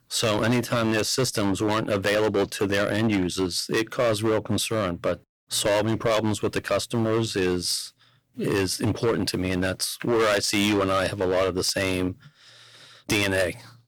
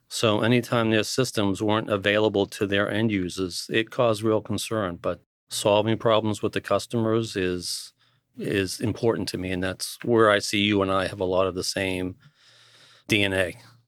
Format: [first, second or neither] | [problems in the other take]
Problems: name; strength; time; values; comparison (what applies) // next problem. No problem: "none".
second | distortion; heavy; 12% of the sound clipped